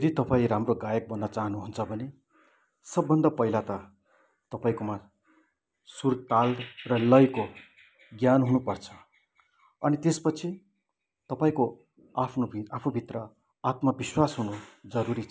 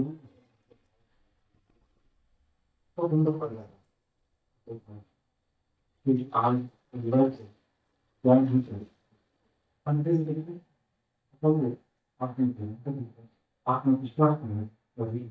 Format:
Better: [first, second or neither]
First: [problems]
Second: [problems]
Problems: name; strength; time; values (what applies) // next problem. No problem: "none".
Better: first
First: none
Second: noise reduction (neural mask model DeepFilterNet 3)